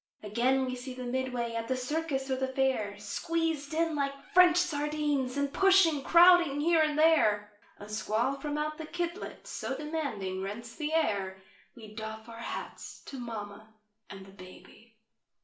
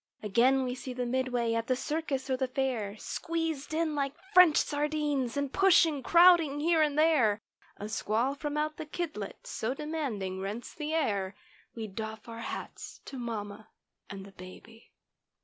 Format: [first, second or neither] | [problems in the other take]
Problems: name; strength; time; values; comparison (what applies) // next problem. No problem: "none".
second | room echo; dies away in 0.4 s